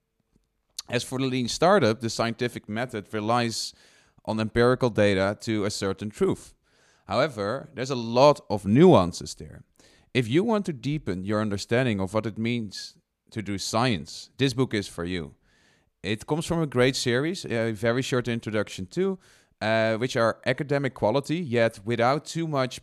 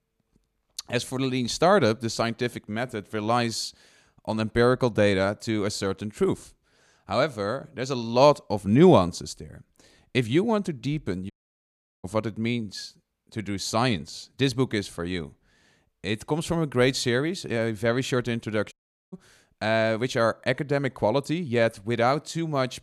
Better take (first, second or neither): first